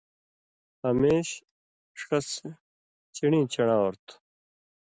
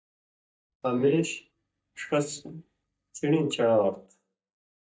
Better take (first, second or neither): first